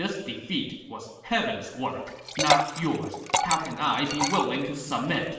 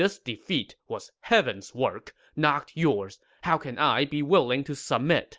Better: second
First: background sound (Liquid); 3 dB below the speech // room echo; dies away in 1.1 s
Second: none

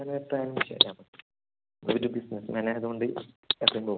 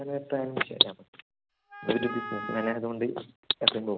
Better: first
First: none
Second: background sound (Wind instrument, woodwind instrument); 9 dB below the speech

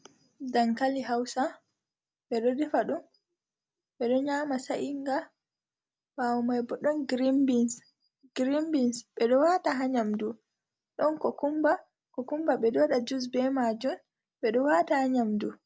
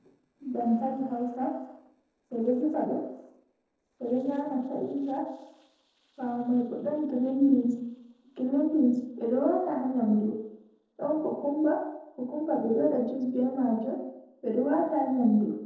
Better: first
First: none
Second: noise reduction (neural separator model SepFormer DNS4)

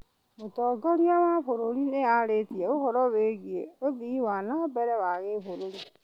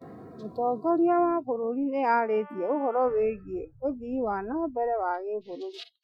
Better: first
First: none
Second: noise reduction (classical method Wiener filter)

